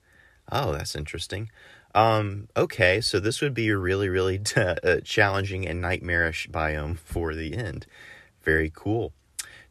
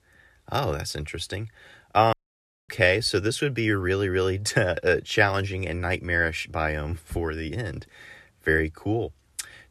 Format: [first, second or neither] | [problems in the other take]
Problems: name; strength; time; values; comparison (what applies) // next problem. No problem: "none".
first | audio cutting out; at 2 s for 0.5 s